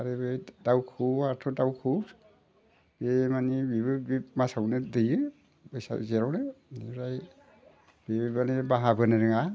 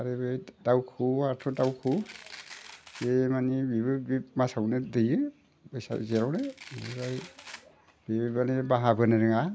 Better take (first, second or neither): first